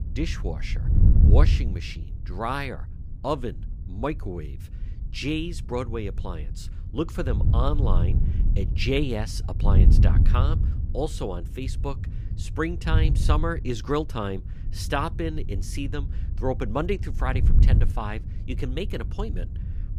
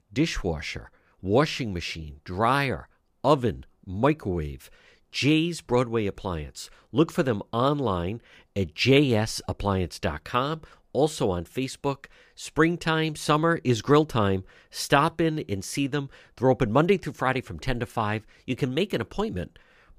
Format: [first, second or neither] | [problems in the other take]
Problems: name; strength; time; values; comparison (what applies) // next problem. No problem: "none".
second | wind noise on the microphone; heavy; 10 dB below the speech